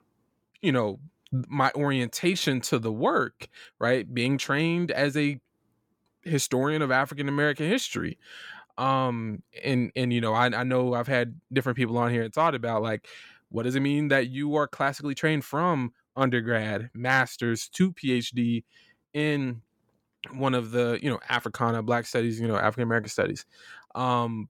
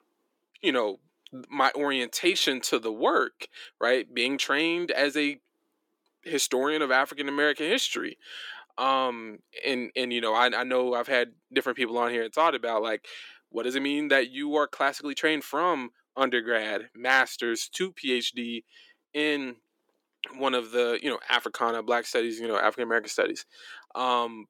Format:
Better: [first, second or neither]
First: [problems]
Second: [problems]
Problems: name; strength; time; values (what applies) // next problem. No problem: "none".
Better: first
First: none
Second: thin; somewhat; fading below 300 Hz